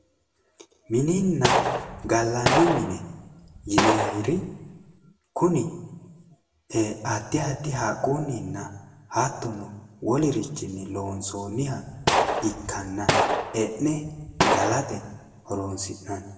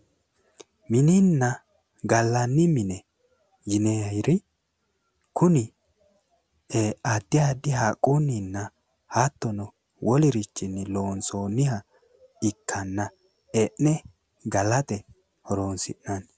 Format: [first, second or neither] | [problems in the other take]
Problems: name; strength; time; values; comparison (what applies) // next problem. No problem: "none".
second | background sound (Gunshot, gunfire); 1 dB above the speech // room echo; dies away in 0.9 s